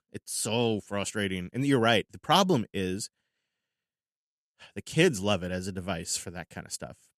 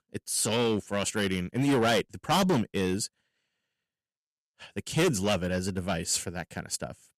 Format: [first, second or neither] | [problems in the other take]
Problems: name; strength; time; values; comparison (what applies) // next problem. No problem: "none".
first | distortion; heavy; 6% of the sound clipped